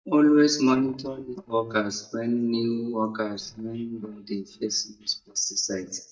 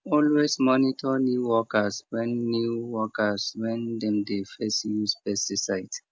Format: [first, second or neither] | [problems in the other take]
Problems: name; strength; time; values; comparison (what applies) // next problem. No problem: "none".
second | noise reduction (neural mask model DeepFilterNet 3)